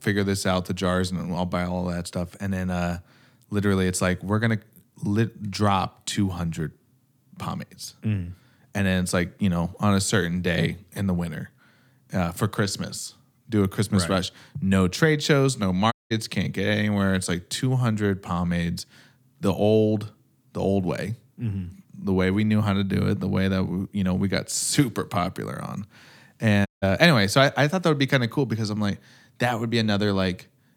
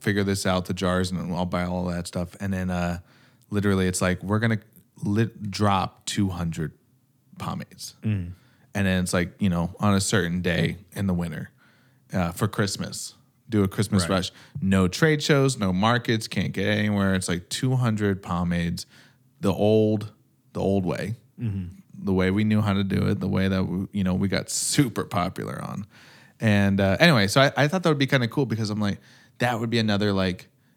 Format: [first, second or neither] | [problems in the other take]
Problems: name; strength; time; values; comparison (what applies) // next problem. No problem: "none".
second | audio cutting out; at 16 s and at 27 s